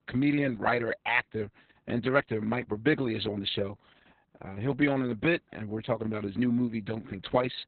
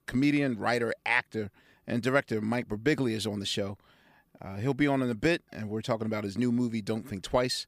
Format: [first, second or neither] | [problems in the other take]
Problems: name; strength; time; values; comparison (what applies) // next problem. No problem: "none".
second | garbled, watery; badly; nothing above 4 kHz